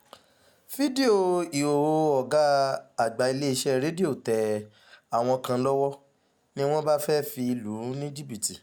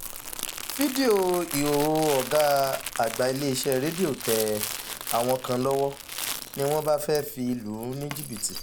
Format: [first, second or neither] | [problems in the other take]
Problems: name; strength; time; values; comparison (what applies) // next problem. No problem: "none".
first | background sound (Crumpling, crinkling); 9 dB below the speech